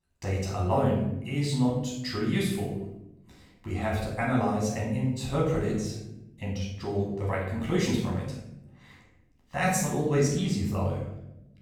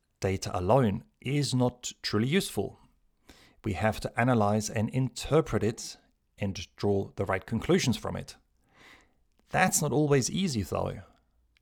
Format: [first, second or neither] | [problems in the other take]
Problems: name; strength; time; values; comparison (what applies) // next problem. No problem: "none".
second | off-mic speech; far // room echo; noticeable; dies away in 0.9 s